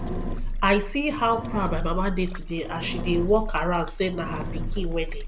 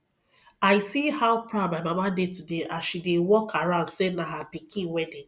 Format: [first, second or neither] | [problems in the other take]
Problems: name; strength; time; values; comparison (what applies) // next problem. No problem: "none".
second | background sound (Engine); 3 dB below the speech